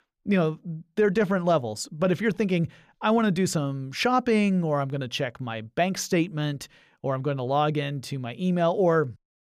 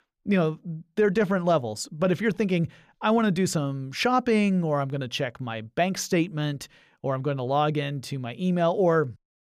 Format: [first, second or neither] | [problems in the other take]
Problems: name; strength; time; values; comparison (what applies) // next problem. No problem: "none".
neither | none